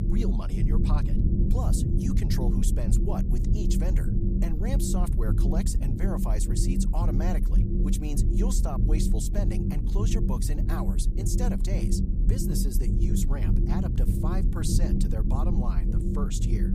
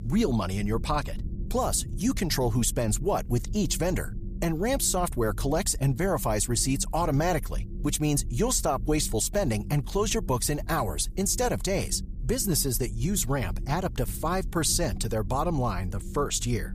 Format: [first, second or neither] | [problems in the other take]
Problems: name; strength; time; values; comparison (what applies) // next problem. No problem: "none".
second | low rumble; loud; throughout; as loud as the speech; faint in the second